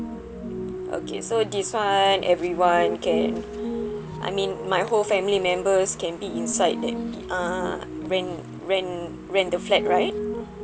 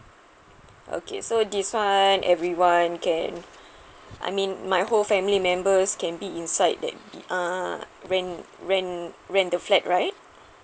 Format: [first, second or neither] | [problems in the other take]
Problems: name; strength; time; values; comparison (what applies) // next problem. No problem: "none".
second | background sound (Piano); 7 dB below the speech